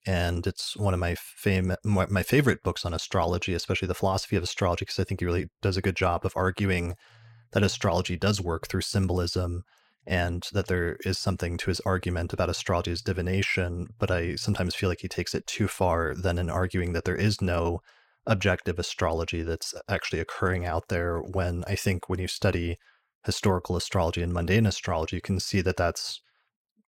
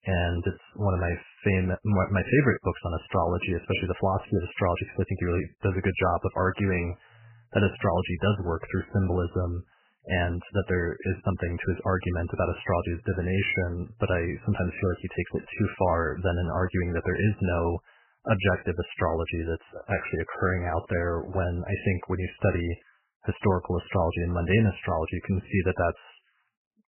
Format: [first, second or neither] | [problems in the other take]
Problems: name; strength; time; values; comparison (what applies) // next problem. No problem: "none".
first | garbled, watery; badly; nothing above 3 kHz